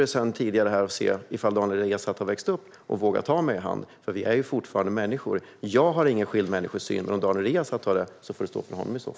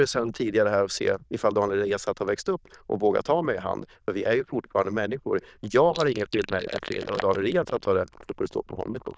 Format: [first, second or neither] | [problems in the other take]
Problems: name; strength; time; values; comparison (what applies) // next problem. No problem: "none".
first | noise reduction (neural diffusion model UNIVERSE++)